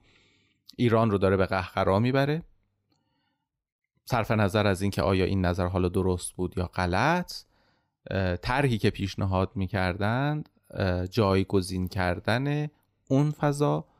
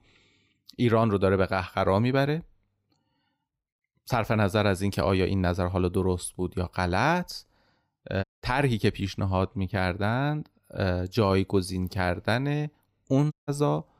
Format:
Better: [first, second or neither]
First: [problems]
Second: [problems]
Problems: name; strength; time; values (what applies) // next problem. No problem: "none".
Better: first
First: none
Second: audio cutting out; at 8 s and at 13 s